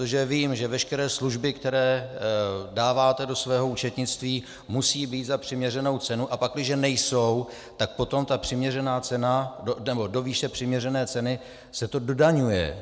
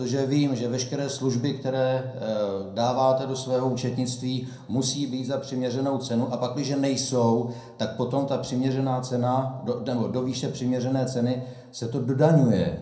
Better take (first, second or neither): first